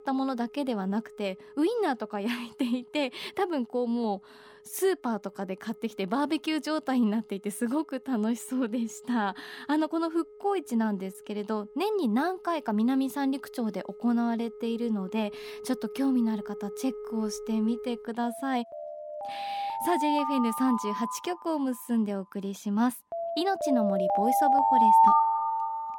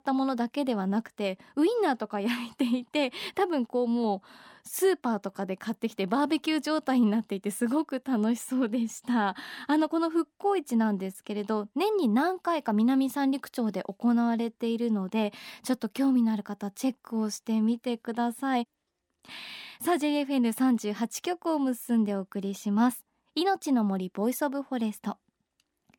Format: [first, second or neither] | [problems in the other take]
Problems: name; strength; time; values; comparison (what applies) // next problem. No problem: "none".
second | alarms or sirens; very loud; throughout; 2 dB above the speech